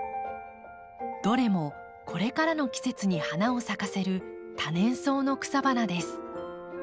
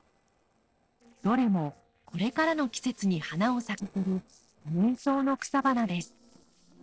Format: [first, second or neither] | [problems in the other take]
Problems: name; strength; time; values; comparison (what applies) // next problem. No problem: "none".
first | noise reduction (neural separator model SepFormer DNS4)